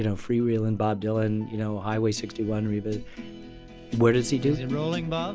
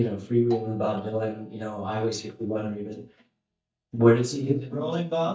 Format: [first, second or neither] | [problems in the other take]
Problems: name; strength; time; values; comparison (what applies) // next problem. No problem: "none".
first | noise reduction (neural mask model DeepFilterNet 3)